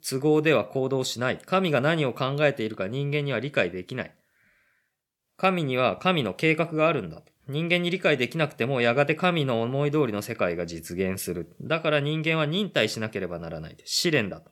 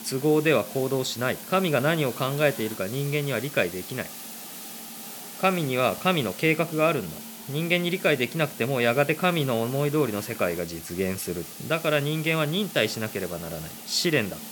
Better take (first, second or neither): first